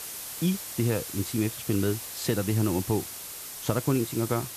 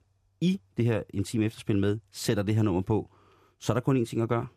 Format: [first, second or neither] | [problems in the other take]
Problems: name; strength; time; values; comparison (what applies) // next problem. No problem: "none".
second | hiss; loud; throughout; 7 dB below the speech